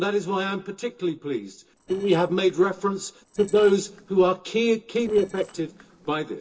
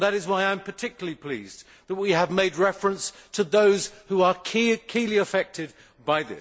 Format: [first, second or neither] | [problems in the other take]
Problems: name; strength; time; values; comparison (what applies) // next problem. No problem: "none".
second | noise reduction (neural separator model SepFormer DNS4)